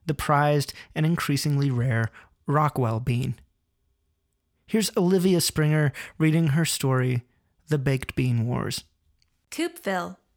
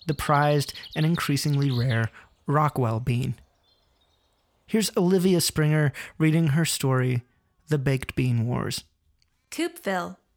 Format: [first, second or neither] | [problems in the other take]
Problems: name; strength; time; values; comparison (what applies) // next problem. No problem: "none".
first | animal sounds; noticeable; throughout; 15 dB below the speech